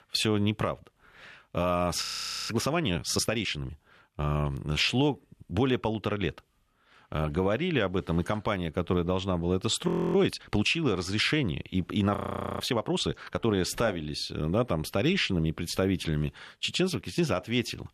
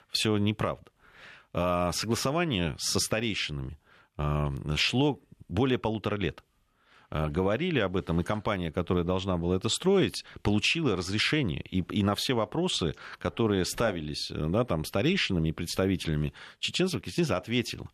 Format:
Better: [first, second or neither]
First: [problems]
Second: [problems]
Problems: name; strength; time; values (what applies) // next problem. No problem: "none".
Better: second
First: audio freezing; at 2 s, at 10 s and at 12 s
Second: none